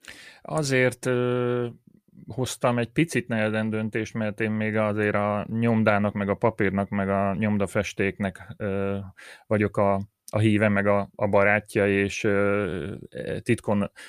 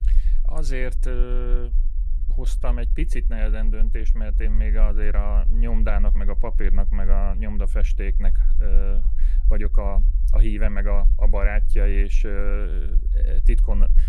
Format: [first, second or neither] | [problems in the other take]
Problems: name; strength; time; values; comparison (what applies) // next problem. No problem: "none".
first | low rumble; noticeable; throughout; 15 dB below the speech